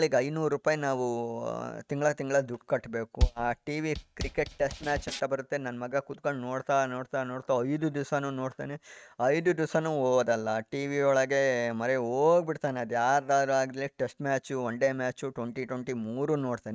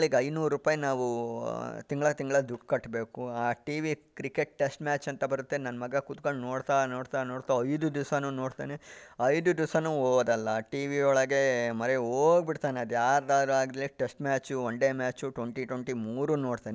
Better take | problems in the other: second | noise reduction (neural mask model RNNoise)

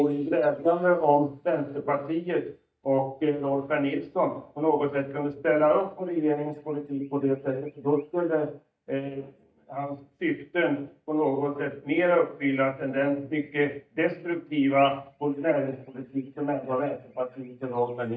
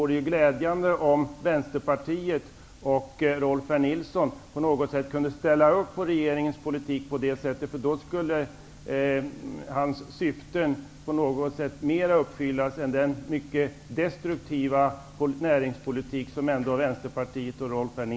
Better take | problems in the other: second | noise reduction (neural mask model DeepFilterNet 3)

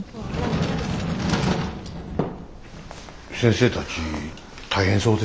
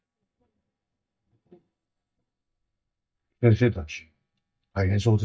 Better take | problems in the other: first | noise reduction (neural mask model DeepFilterNet 3)

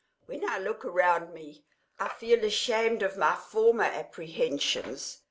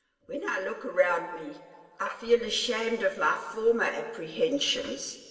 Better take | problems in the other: first | room echo; dies away in 1.9 s

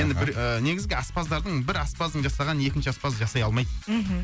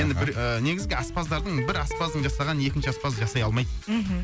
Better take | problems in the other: first | background sound (Electric guitar); 14 dB below the speech

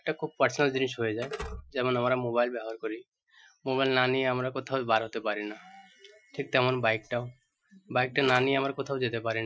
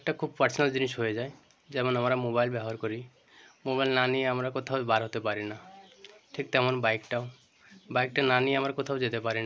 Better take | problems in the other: second | noise reduction (classical method Wiener filter)

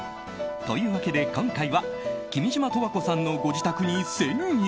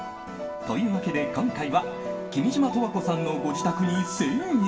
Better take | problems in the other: first | background sound (Bowed string instrument); 15 dB below the speech // room echo; dies away in 1.6 s

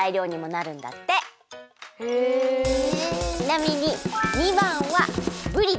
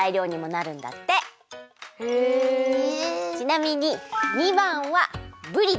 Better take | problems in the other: second | background sound (Drum kit); 5 dB below the speech

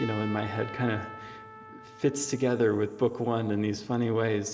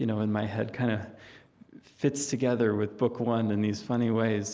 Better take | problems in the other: second | background sound (Trumpet); 16 dB below the speech // room echo; dies away in 2.3 s

